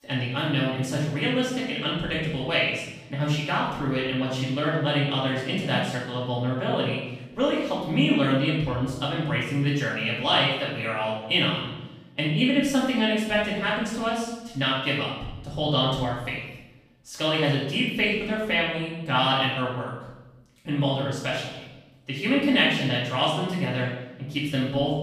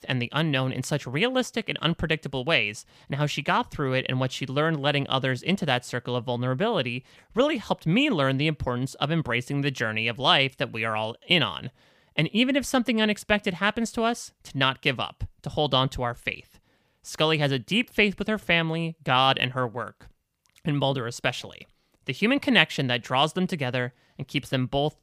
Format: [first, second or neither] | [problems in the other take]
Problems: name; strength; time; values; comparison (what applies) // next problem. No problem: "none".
second | off-mic speech; far // room echo; noticeable; dies away in 0.9 s